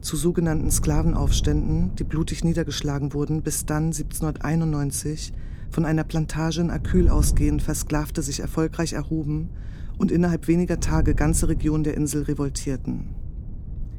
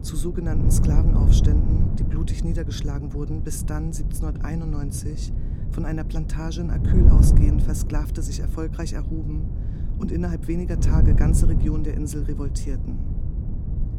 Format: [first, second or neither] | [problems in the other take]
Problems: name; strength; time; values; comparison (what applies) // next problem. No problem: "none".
first | wind noise on the microphone; heavy; 2 dB below the speech; occasional gusts in the first